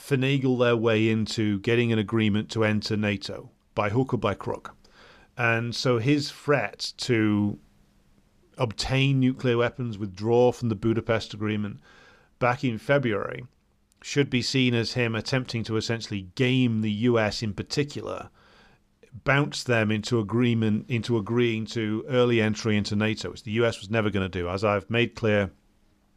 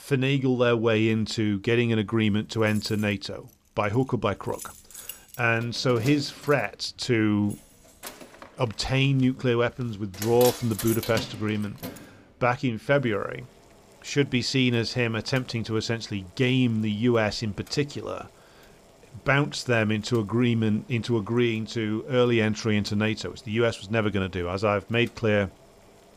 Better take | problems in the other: first | household noises; noticeable; throughout; 15 dB below the speech

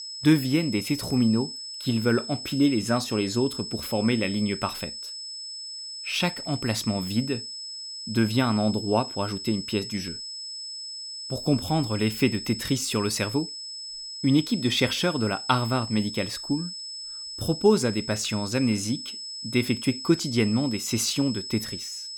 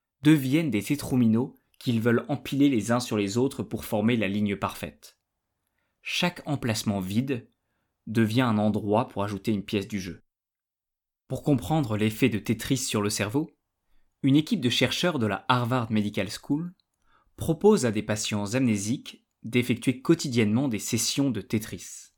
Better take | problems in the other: second | high-pitched whine; loud; throughout; 5 kHz, 8 dB below the speech

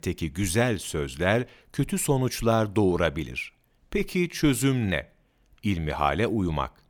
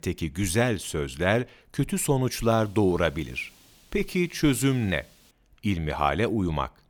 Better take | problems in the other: first | hiss; faint; from 2.5 to 5.5 s; 30 dB below the speech

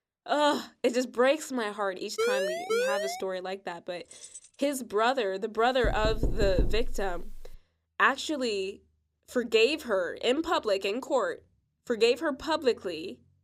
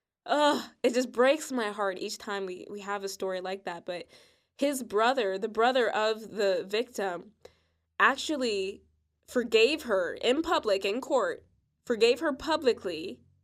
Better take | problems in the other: second | siren; loud; from 2 to 3 s; peak 1 dB above the speech // jangling keys; faint; at 4 s; peak 15 dB below the speech // door banging; noticeable; from 6 to 7.5 s; peak 2 dB below the speech

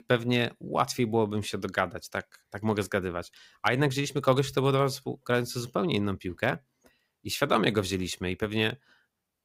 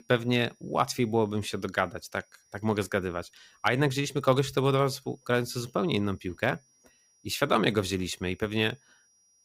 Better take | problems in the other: first | high-pitched whine; faint; throughout; 5.5 kHz, 35 dB below the speech

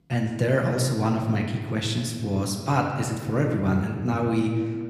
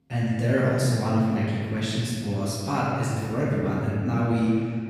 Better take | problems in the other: first | room echo; strong; dies away in 2 s; slight in the first // off-mic speech; far

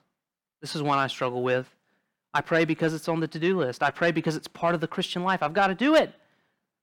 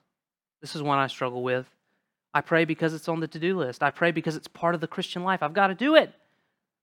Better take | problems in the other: second | distortion; slight; 10 dB below the speech

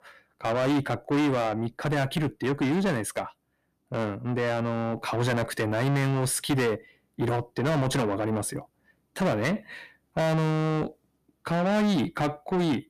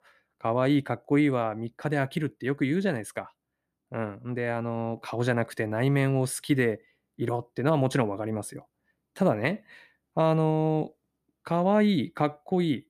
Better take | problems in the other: second | distortion; heavy; 6 dB below the speech

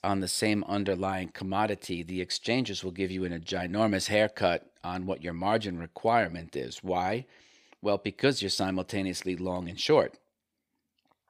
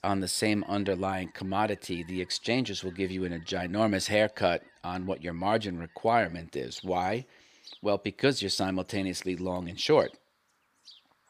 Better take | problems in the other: first | animal sounds; faint; throughout; 25 dB below the speech

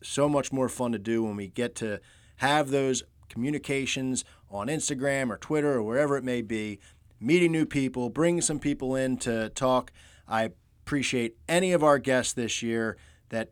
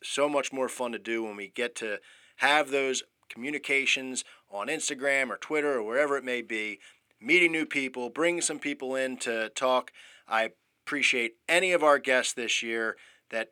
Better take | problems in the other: first | thin; somewhat; fading below 400 Hz

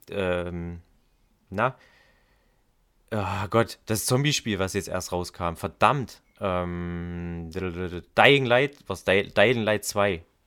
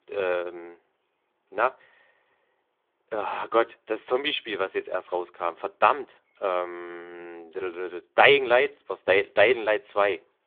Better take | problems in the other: first | phone-call audio; nothing above 3.5 kHz

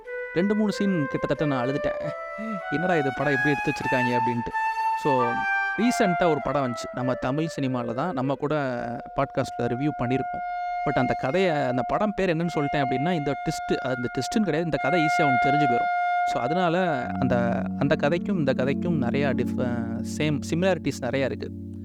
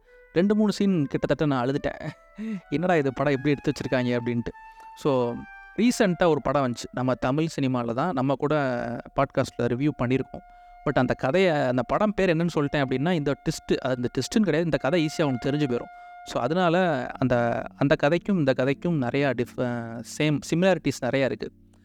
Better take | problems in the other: second | background music; loud; throughout; 2 dB below the speech; faint in the second

